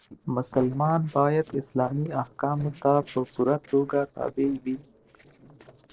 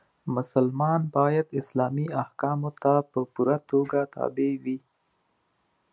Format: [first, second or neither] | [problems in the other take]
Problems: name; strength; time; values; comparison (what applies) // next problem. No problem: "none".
second | noise reduction (neural separator model SepFormer DNS4)